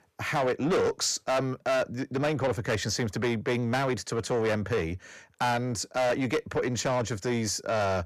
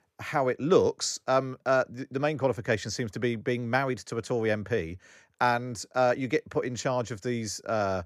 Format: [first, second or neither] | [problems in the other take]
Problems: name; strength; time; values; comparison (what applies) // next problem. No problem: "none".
second | distortion; heavy; 6 dB below the speech